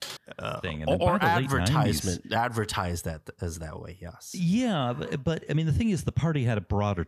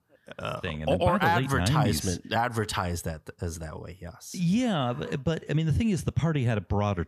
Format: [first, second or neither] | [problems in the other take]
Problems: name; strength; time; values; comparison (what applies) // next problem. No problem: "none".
second | keyboard typing; faint; at the start; peak 10 dB below the speech